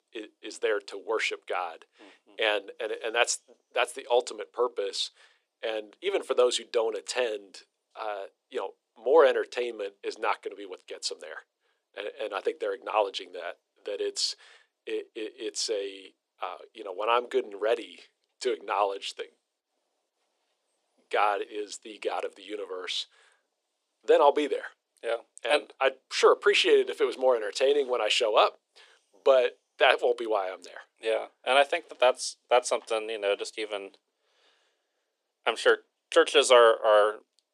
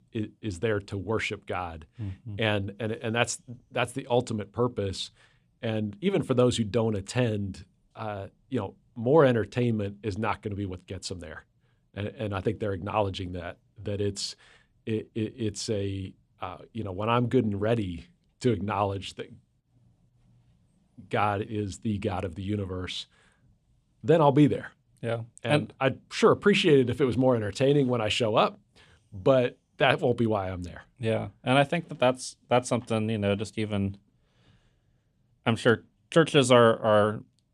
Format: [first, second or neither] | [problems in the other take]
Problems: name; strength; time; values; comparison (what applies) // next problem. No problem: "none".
second | thin; very; fading below 400 Hz